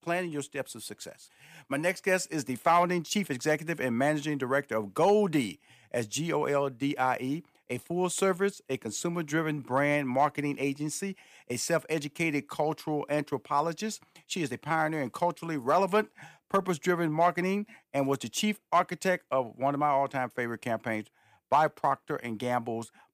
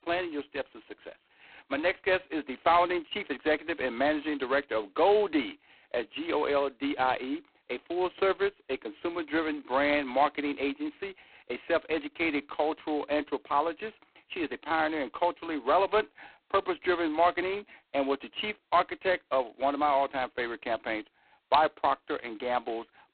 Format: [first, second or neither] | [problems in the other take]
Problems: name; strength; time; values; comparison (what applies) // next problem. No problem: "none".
first | phone-call audio; poor line; nothing above 4 kHz